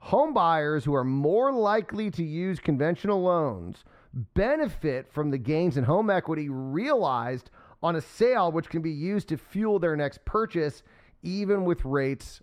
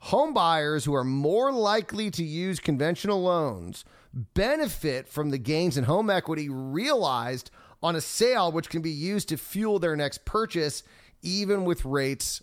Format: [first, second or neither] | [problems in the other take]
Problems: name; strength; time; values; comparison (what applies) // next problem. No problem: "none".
second | muffled; slightly; fading above 3.5 kHz